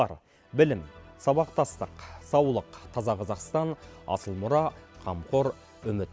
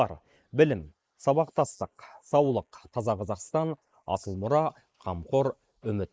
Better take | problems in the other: first | noise reduction (neural mask model Resemble Enhance denoiser)

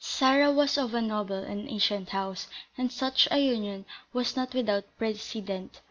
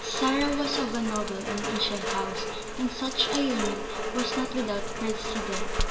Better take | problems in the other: first | background sound (Rain); 1 dB below the speech // room echo; dies away in 1.6 s

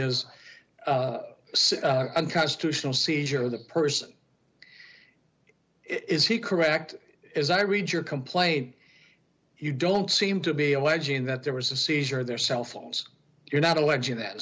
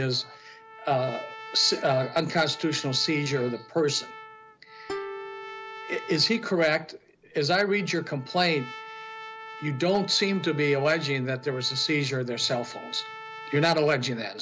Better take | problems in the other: first | background sound (Trumpet + Plucked string instrument); 15 dB below the speech

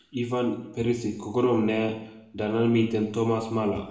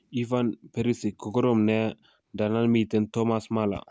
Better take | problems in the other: second | room echo; dies away in 0.8 s

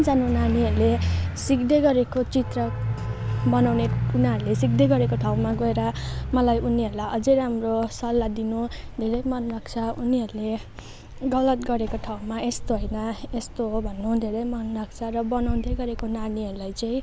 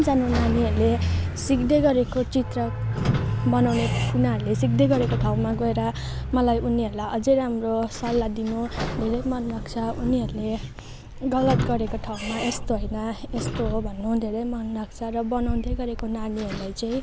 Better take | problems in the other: first | background sound (Squeak / Sliding door); 10 dB below the speech

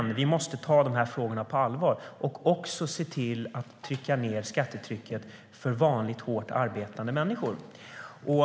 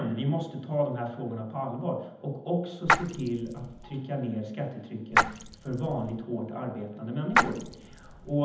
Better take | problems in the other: first | background sound (Splash, splatter); 3 dB above the speech // room echo; dies away in 0.8 s

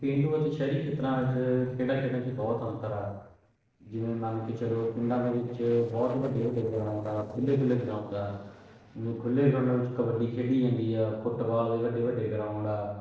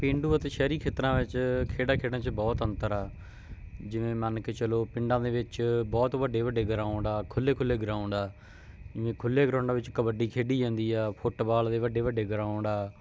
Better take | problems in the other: second | noise reduction (neural separator model SepFormer DNS4)

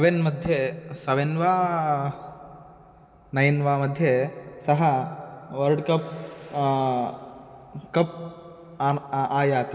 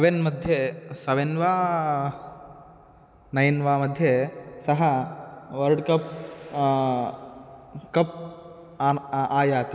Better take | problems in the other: second | room echo; dies away in 1.9 s

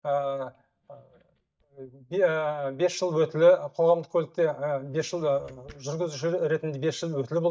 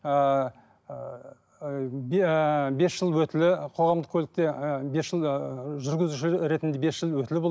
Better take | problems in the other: second | noise reduction (neural mask model DeepFilterNet 3)

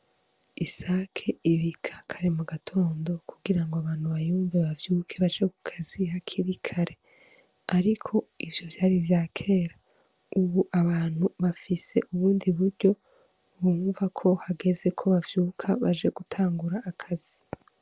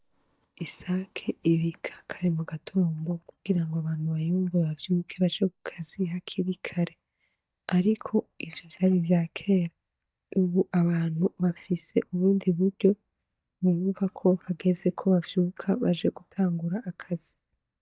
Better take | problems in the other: first | noise reduction (neural mask model DeepFilterNet 3)

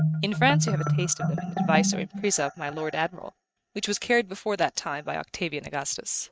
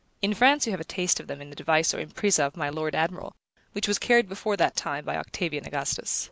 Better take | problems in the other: second | noise reduction (neural mask model RNNoise)

